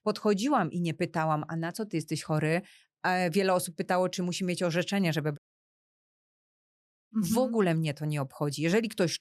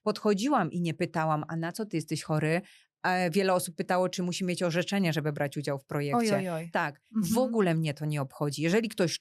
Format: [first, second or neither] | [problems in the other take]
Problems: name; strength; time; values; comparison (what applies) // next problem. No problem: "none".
second | audio cutting out; at 5.5 s for 1.5 s